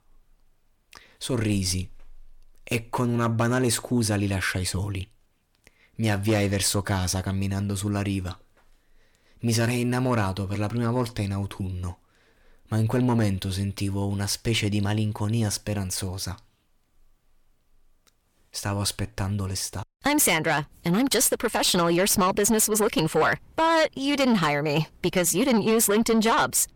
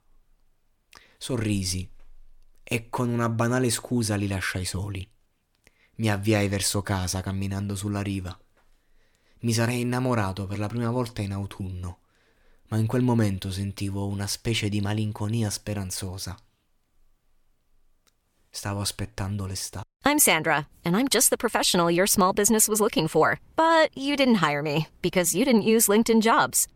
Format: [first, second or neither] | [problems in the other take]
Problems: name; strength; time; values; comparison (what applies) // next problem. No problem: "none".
second | distortion; slight; 10 dB below the speech